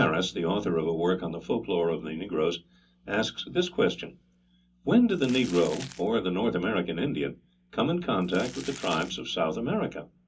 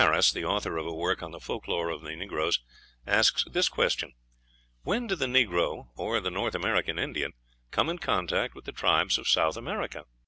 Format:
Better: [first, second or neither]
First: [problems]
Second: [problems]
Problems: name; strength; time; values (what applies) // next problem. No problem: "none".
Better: second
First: background sound (Crumpling, crinkling); 16 dB below the speech // room echo; dies away in 0.3 s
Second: none